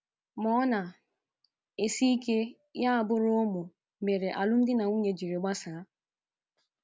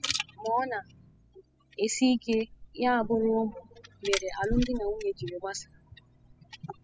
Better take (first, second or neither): first